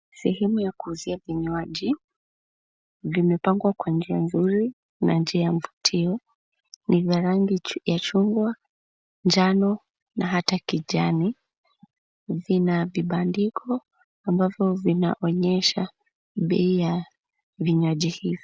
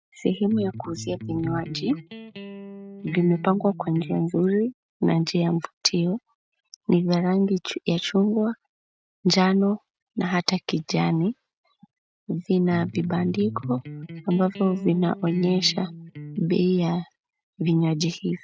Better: first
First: none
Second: noise reduction (neural mask model RNNoise)

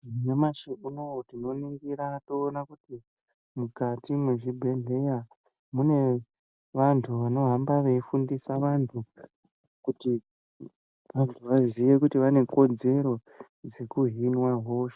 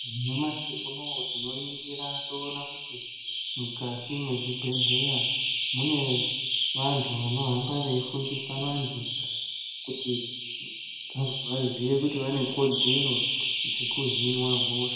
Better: first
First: none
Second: background sound (Bird vocalization, bird call, bird song); as loud as the speech // room echo; dies away in 1 s

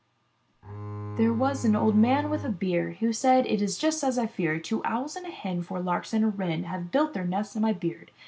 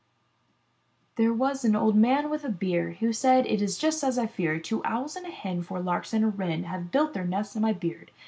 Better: second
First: background sound (Bowed string instrument); 10 dB below the speech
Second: none

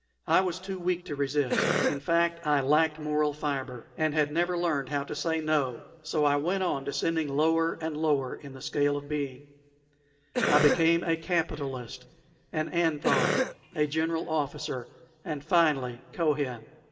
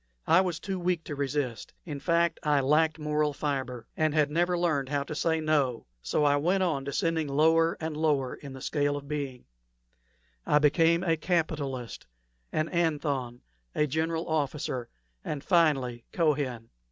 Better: second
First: background sound (Cough); 1 dB below the speech // room echo; dies away in 1.4 s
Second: none

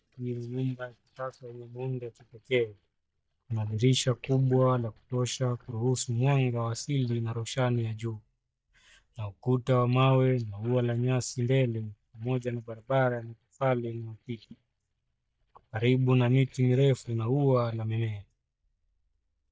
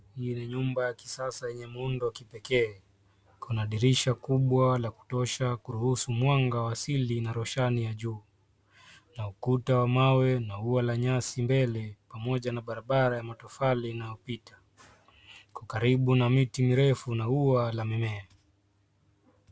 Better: second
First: noise reduction (neural mask model DeepFilterNet 3)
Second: none

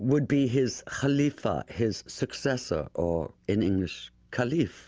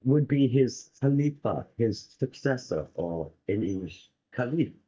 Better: first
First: none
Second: noise reduction (neural mask model DeepFilterNet 3)

